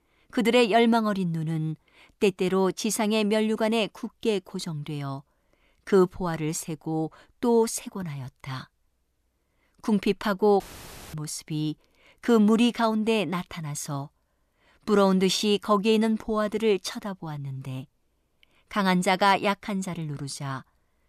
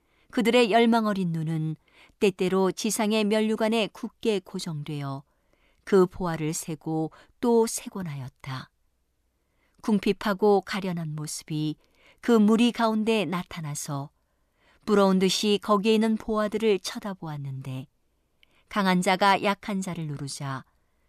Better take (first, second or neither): second